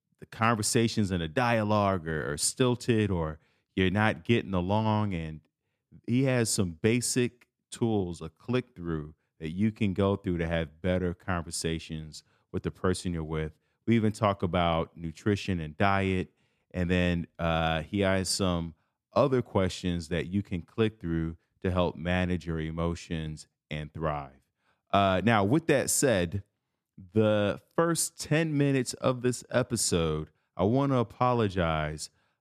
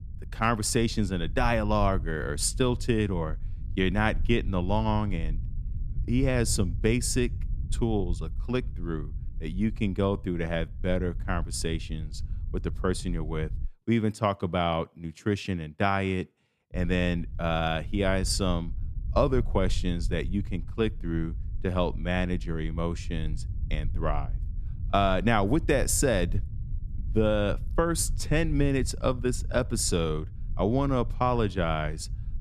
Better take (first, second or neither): first